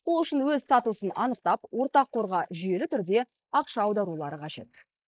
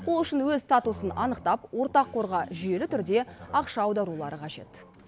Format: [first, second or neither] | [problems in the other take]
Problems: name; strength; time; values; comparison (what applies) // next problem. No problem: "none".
second | noise reduction (neural mask model Resemble Enhance denoiser)